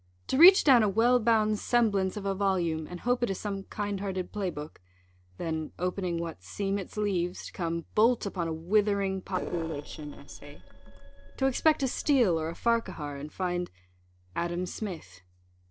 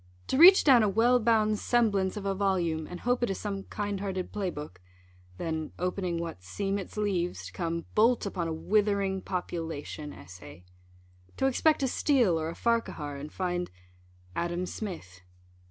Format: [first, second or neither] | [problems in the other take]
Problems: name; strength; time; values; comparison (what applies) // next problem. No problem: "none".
second | noise reduction (neural separator model SepFormer DNS4)